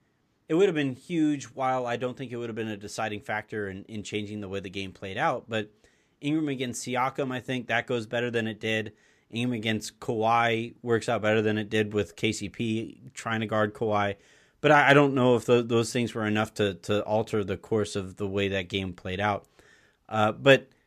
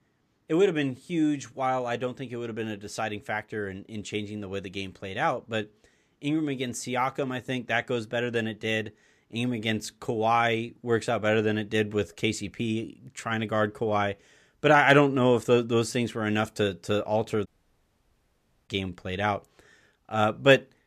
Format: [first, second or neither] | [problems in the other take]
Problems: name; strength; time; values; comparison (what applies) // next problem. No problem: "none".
first | audio cutting out; at 17 s for 1 s